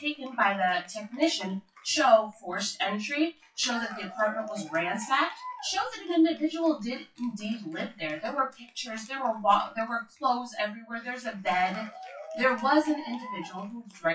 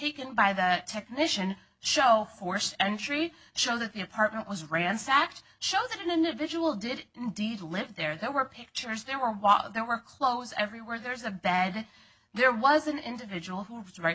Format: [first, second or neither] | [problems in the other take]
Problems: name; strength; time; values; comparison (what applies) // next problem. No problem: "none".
second | noise reduction (classical method WPE with log-MMSE)